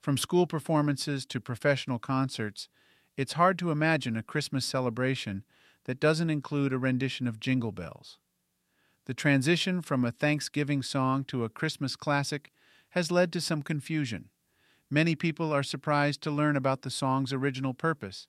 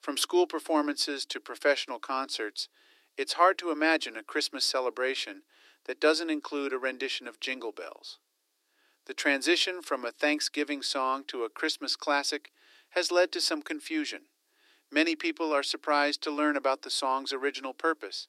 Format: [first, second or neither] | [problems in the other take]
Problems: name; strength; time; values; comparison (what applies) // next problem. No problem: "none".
first | thin; somewhat; fading below 300 Hz